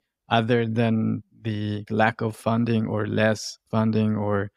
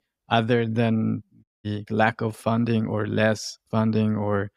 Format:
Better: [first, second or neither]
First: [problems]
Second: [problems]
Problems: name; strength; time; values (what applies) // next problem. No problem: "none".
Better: first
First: none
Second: audio cutting out; at 1.5 s